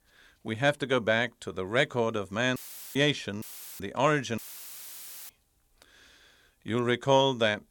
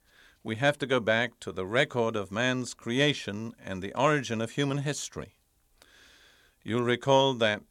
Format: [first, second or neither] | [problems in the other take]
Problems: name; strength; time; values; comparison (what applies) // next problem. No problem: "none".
second | audio cutting out; filled with static; at 2.5 s, at 3.5 s and at 4.5 s for 1 s